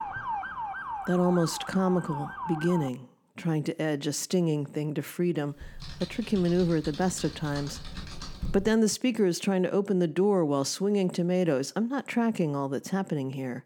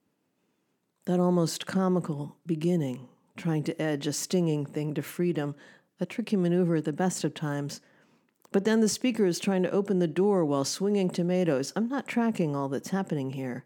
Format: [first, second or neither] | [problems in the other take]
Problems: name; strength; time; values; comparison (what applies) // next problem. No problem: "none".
second | siren; noticeable; until 3 s; peak 5 dB below the speech // keyboard typing; faint; from 5.5 to 8.5 s; peak 10 dB below the speech